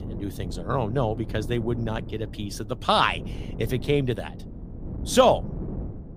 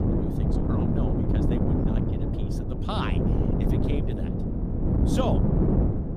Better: first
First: wind noise on the microphone; occasional gusts; 20 dB below the speech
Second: wind noise on the microphone; heavy; 3 dB above the speech

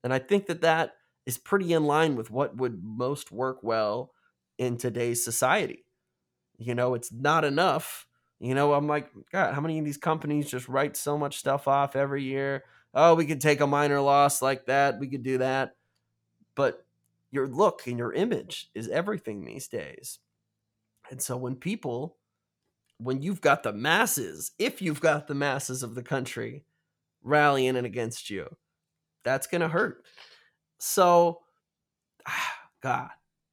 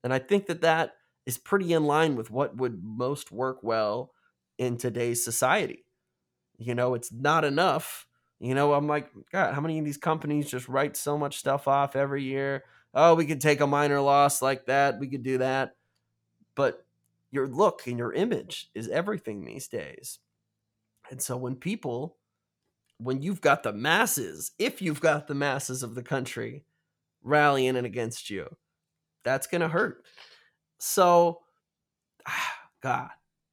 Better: neither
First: none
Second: none

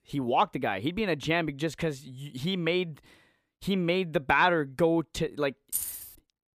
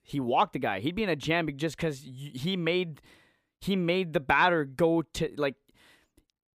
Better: second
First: jangling keys; noticeable; at 5.5 s; peak 3 dB below the speech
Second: none

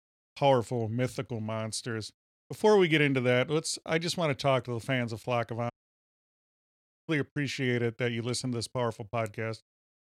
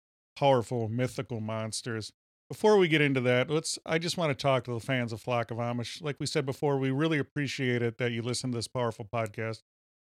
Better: second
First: audio cutting out; at 5.5 s for 1.5 s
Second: none

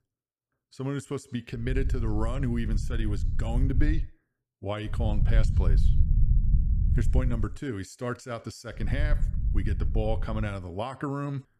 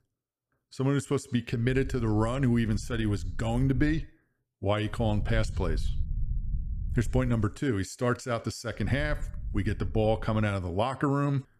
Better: second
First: low rumble; loud; from 1.5 to 4 s, from 5 to 7.5 s and from 9 to 11 s; 9 dB below the speech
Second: low rumble; faint; from 1.5 to 4 s, from 5 to 7.5 s and from 9 to 11 s; 25 dB below the speech

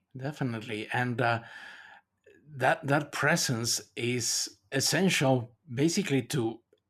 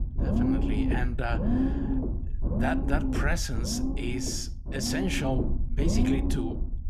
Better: first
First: none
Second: low rumble; loud; throughout; 2 dB below the speech

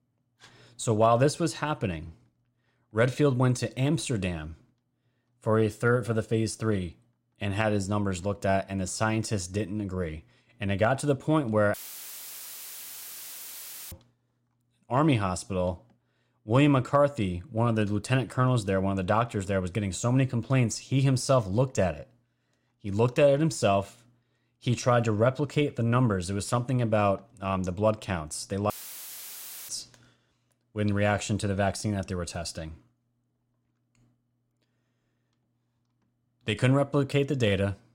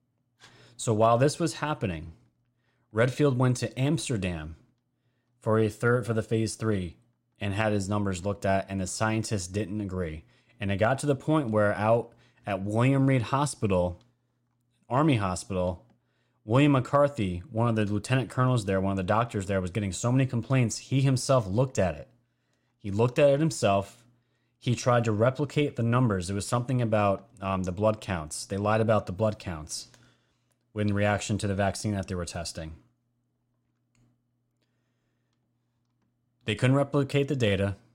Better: second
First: audio cutting out; filled with static; at 12 s for 2 s and at 29 s for 1 s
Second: none

